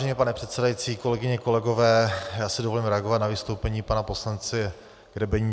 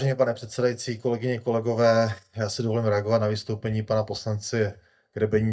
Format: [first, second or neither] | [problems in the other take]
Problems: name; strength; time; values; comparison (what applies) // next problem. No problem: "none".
first | noise reduction (neural mask model DeepFilterNet 3)